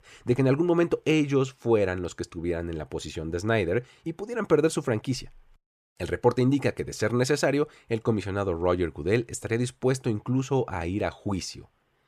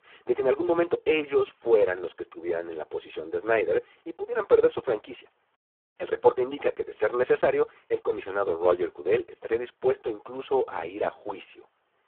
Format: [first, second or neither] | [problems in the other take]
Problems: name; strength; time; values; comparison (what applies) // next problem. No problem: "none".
first | phone-call audio; poor line; nothing above 3.5 kHz